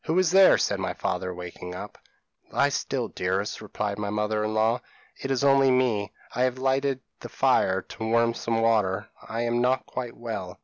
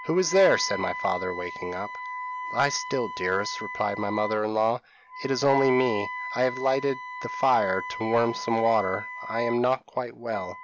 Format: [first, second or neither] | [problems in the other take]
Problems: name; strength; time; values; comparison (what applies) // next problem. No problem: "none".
first | background sound (Wind instrument, woodwind instrument); 9 dB below the speech